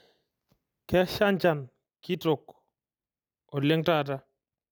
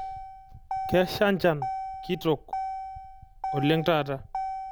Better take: first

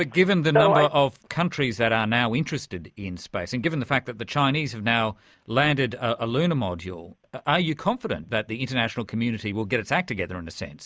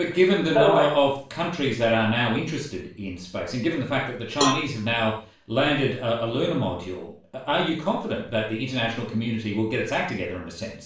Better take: first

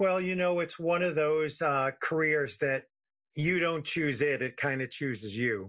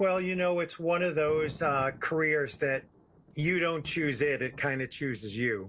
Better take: first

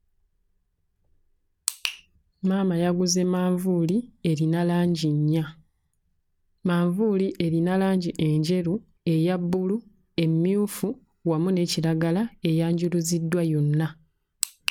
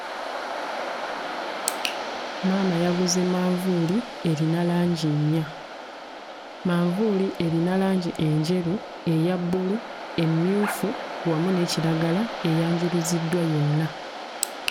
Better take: first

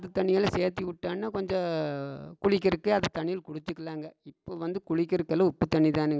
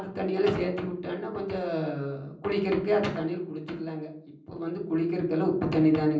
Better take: first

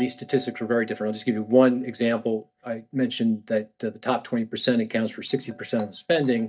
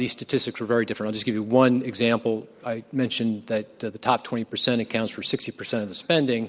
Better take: second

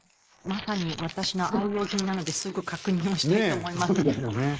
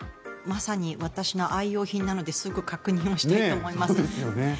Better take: second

